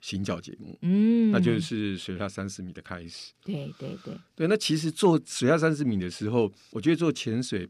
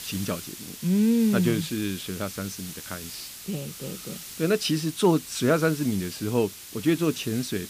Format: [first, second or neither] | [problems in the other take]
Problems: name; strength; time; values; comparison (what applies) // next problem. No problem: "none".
first | hiss; noticeable; throughout; 10 dB below the speech